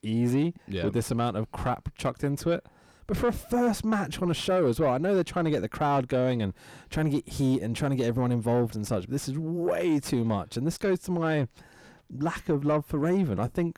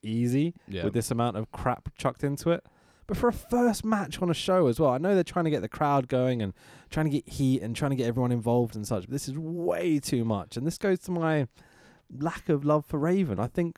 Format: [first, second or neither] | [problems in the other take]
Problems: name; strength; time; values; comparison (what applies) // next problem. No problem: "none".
second | distortion; slight; 10 dB below the speech